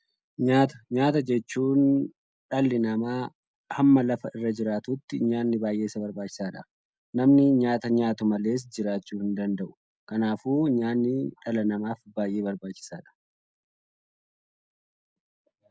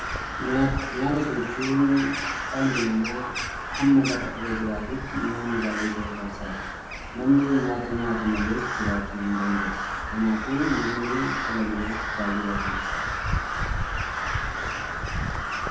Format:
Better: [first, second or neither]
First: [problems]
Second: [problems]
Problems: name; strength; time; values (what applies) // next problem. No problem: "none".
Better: first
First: none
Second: background sound (Crow); 3 dB below the speech // room echo; dies away in 0.8 s